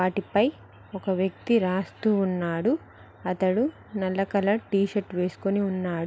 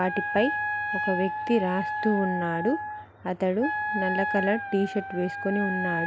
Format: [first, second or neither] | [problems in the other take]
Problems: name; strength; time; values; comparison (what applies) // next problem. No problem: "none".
first | background sound (Wind instrument, woodwind instrument); 3 dB below the speech